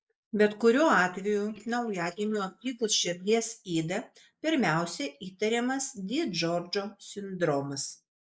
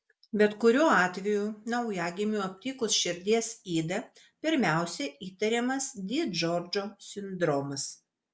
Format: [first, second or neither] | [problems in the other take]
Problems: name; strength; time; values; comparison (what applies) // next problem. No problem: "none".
second | noise reduction (neural mask model Resemble Enhance denoiser)